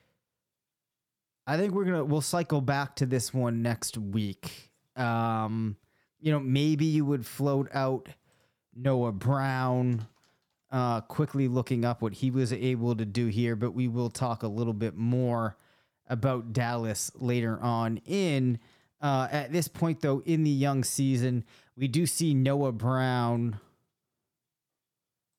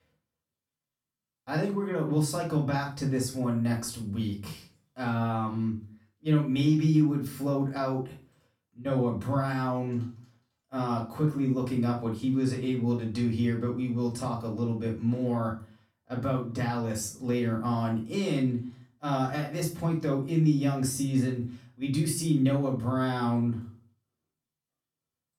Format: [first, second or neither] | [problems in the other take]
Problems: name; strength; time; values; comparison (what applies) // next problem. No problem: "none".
first | off-mic speech; far // room echo; slight; dies away in 0.3 s